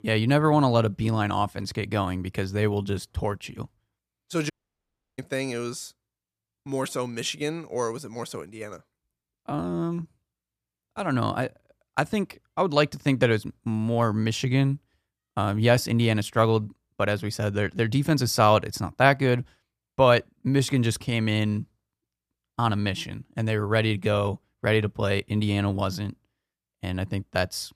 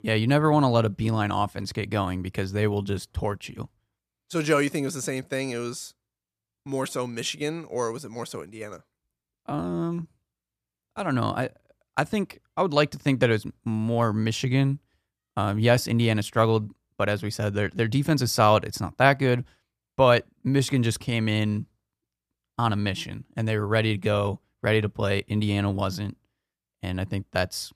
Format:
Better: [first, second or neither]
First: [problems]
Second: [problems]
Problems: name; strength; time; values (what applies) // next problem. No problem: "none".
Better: second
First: audio cutting out; at 4.5 s for 0.5 s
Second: none